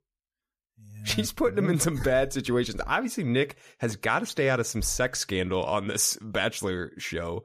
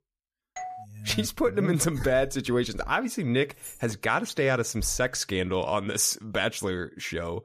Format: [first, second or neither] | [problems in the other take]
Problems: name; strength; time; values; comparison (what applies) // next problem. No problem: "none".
first | doorbell; faint; at 0.5 s; peak 10 dB below the speech // jangling keys; faint; at 3.5 s; peak 15 dB below the speech